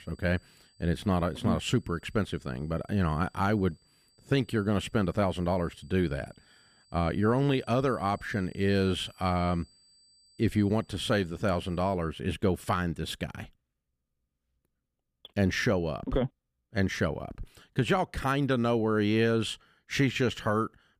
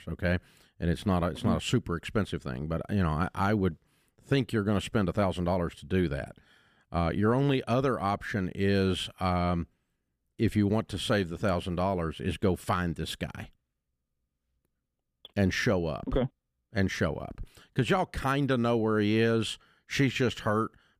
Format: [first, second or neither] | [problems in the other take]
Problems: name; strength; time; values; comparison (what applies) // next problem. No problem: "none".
second | high-pitched whine; faint; until 12 s; 4.5 kHz, 30 dB below the speech